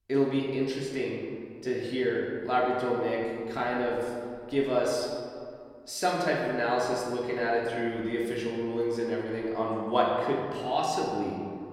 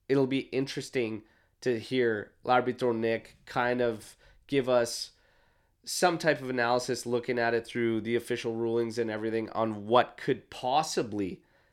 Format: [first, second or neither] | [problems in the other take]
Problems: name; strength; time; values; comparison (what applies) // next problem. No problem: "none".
second | room echo; noticeable; dies away in 1.8 s // off-mic speech; far